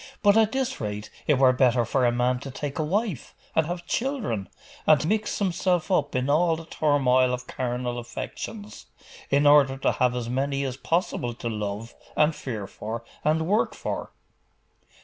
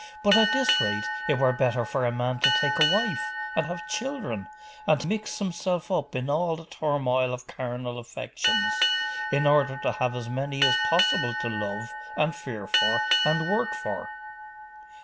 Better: first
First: none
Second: background sound (Boat, Water vehicle); 2 dB below the speech

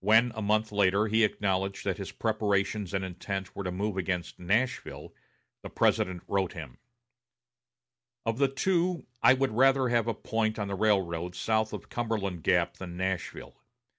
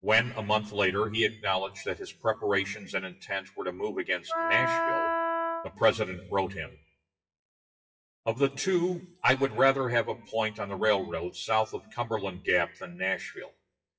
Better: first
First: none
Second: noise reduction (classical method WPE with log-MMSE)

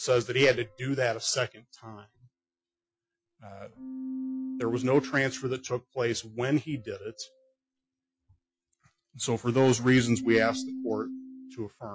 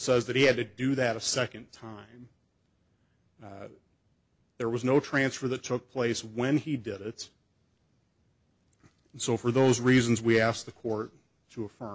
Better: second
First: noise reduction (classical method Wiener filter)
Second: none

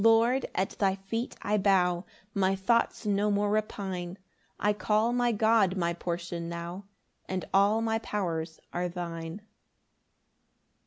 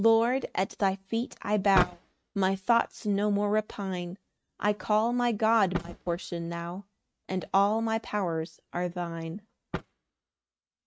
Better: first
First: none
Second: noise reduction (neural mask model RNNoise)

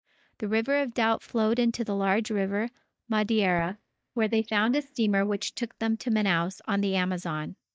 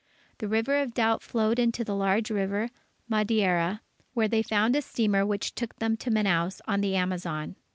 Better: second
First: noise reduction (neural mask model DeepFilterNet 3)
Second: none

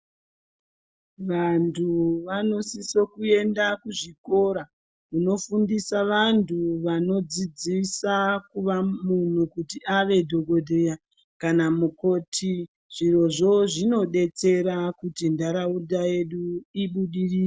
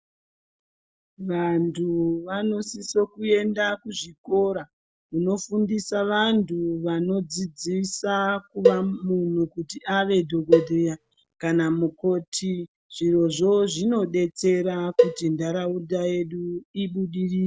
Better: first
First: none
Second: background sound (Cowbell); 1 dB below the speech

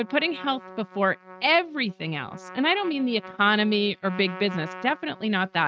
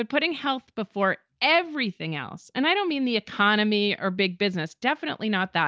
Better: second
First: noise reduction (neural mask model RNNoise)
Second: none

